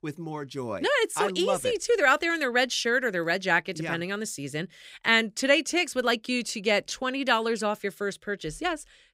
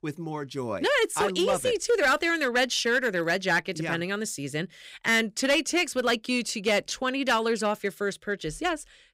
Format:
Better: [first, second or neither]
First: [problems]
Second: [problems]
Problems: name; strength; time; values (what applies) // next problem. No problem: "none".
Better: first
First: none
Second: distortion; slight; 4% of the sound clipped